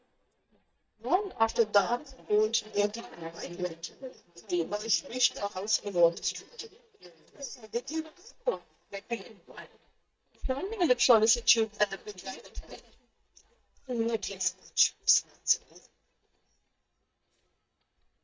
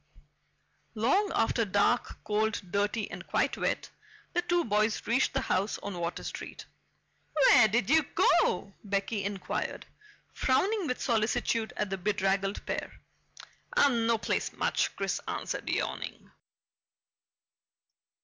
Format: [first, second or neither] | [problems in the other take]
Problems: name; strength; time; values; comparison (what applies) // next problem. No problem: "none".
second | noise reduction (neural mask model DeepFilterNet 3)